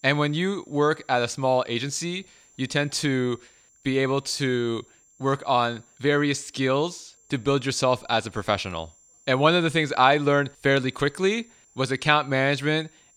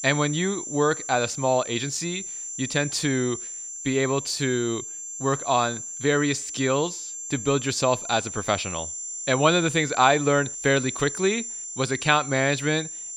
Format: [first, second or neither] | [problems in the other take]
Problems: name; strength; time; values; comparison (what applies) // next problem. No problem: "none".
first | high-pitched whine; loud; throughout; 7 kHz, 8 dB below the speech; faint in the first